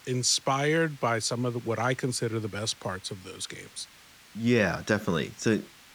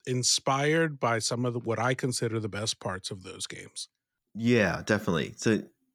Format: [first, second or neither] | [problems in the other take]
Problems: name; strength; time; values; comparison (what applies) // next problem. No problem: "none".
second | hiss; faint; throughout; 25 dB below the speech